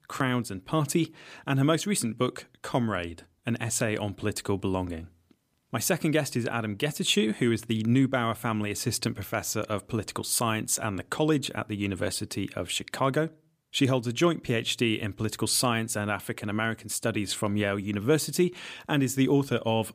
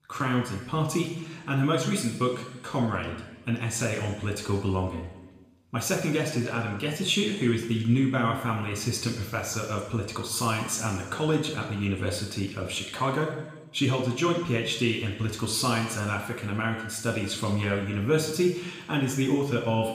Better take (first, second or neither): first